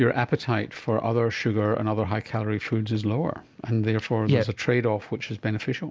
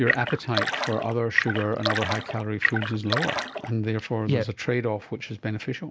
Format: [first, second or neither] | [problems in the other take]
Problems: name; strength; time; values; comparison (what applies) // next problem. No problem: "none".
first | background sound (Splash, splatter); 1 dB below the speech